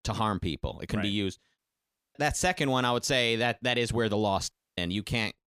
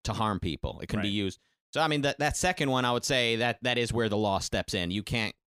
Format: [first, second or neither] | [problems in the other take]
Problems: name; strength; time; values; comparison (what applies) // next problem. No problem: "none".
second | audio cutting out; at 1.5 s for 0.5 s and at 4.5 s